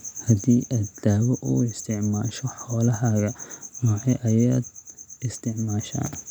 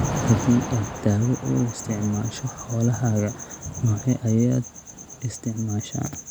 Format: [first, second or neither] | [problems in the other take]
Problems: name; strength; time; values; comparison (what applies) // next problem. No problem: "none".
first | background sound (Thunder / Rain); 9 dB below the speech